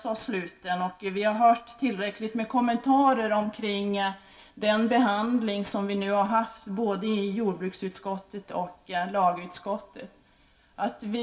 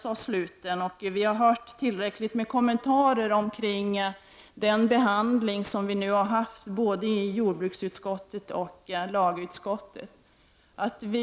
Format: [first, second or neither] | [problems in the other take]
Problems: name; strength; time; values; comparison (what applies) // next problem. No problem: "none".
second | room echo; dies away in 0.2 s